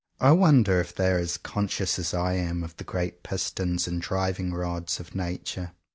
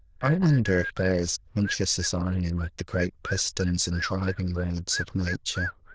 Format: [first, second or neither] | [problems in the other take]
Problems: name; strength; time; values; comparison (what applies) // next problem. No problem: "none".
first | noise reduction (neural diffusion model UNIVERSE++)